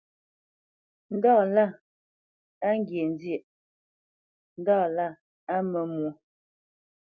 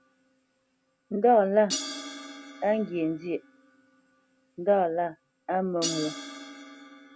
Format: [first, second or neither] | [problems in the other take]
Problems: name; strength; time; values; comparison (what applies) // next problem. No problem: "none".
first | background sound (Crash cymbal); 12 dB below the speech